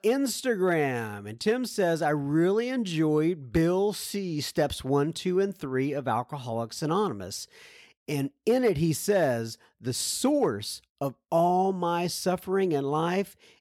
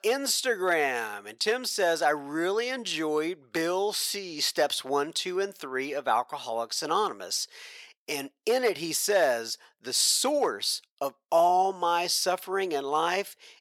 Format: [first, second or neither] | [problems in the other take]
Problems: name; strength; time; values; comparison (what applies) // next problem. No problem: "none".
first | thin; somewhat; fading below 600 Hz